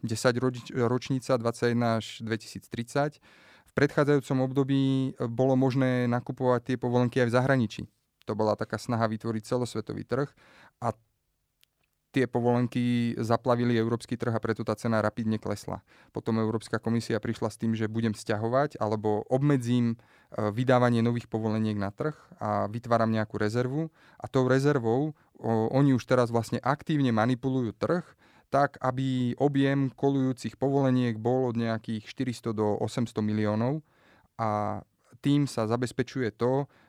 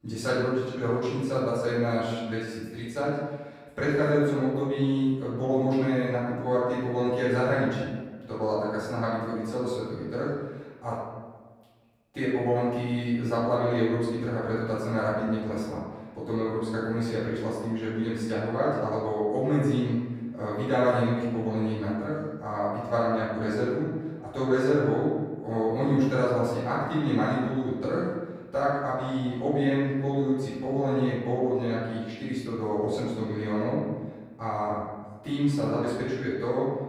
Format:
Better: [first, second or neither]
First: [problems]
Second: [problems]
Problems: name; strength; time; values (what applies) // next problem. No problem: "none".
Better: first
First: none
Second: off-mic speech; far // room echo; strong; dies away in 1.2 s